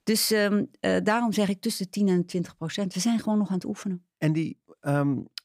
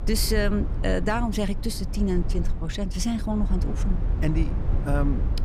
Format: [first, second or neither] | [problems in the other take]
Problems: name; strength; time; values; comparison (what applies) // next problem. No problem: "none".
first | low rumble; noticeable; throughout; 10 dB below the speech